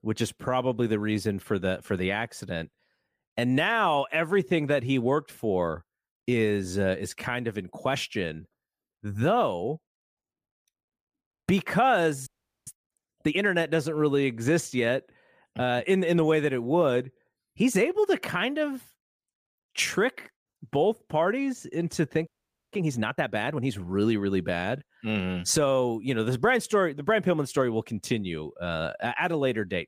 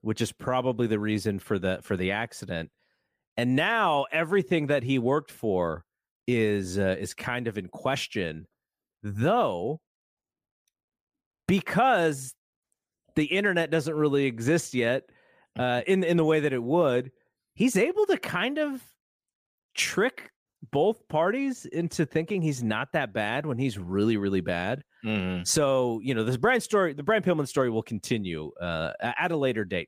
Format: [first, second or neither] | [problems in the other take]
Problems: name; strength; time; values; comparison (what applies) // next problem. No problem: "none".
second | audio freezing; at 12 s and at 22 s